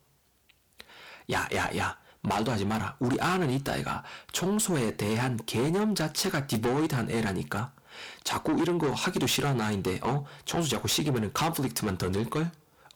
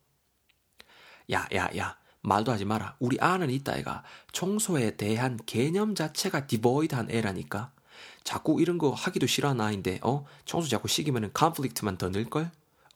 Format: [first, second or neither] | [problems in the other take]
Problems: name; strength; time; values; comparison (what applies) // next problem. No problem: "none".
second | distortion; heavy; 6 dB below the speech